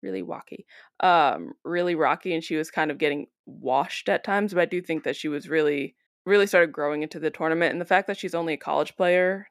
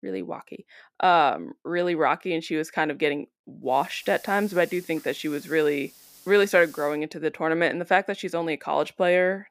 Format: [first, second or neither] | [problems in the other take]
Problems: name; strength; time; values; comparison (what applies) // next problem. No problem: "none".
first | hiss; faint; from 3.5 to 7 s; 20 dB below the speech